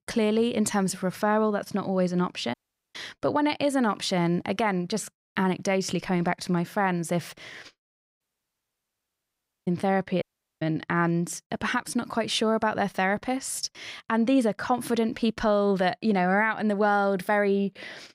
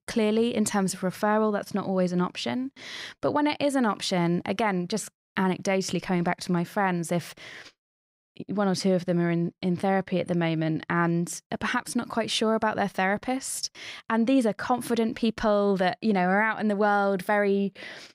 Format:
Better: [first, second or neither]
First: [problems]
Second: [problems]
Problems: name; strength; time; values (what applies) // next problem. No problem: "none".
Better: second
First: audio cutting out; at 2.5 s, at 8 s for 1.5 s and at 10 s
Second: none